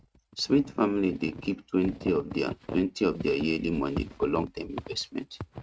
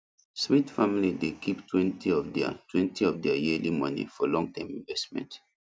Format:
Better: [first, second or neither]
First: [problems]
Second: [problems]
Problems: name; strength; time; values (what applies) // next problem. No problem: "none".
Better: second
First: noise reduction (neural mask model RNNoise)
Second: none